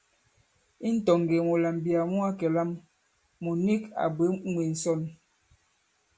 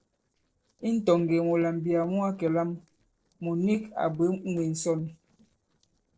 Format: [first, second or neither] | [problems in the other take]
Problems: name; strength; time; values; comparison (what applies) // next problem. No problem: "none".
first | noise reduction (neural separator model SepFormer DNS4)